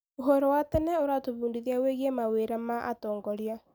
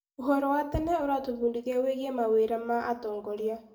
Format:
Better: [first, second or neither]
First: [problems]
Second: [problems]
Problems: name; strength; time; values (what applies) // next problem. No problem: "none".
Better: first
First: none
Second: room echo; dies away in 0.5 s